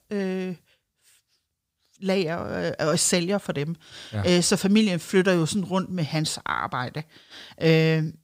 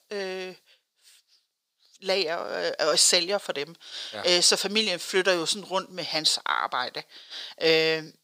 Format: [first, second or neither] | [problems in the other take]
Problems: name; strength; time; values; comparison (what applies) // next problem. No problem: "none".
first | thin; very; fading below 500 Hz